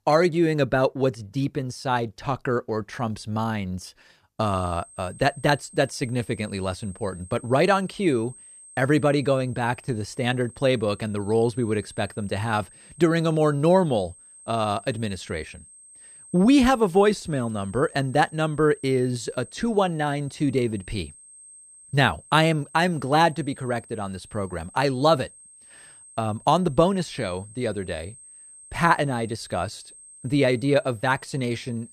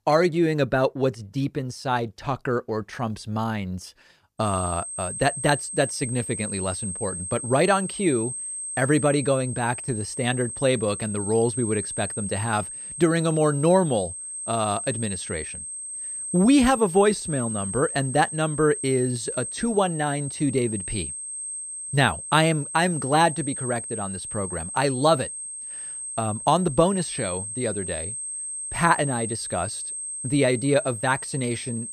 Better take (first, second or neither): first